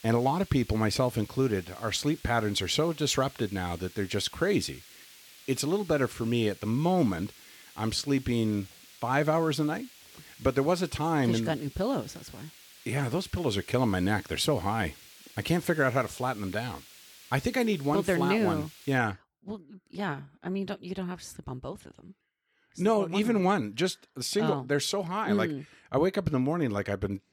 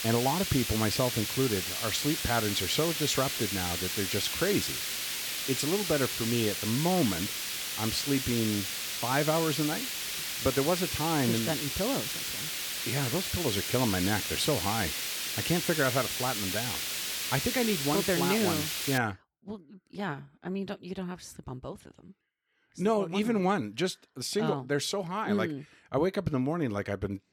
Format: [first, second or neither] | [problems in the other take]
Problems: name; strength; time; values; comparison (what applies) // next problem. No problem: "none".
first | hiss; loud; until 19 s; 1 dB below the speech; faint in the first